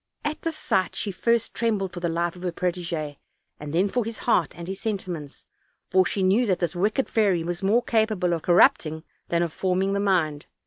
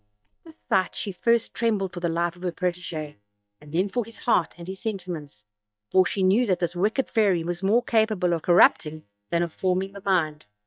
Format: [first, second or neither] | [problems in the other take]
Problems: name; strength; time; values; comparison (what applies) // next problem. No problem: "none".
first | noise reduction (neural mask model DeepFilterNet 3)